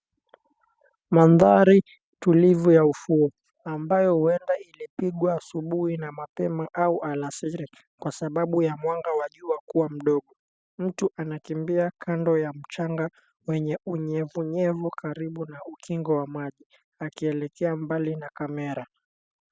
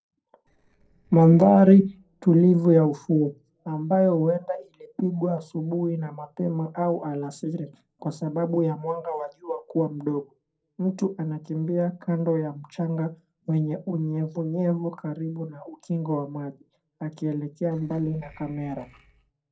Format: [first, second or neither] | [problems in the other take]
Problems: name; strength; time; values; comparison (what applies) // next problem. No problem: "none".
first | noise reduction (neural separator model SepFormer DNS4)